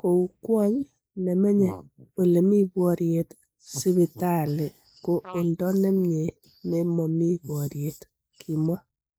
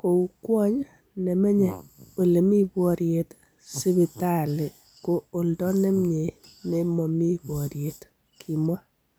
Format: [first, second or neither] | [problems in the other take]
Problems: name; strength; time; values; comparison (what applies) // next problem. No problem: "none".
second | noise reduction (neural mask model Resemble Enhance denoiser)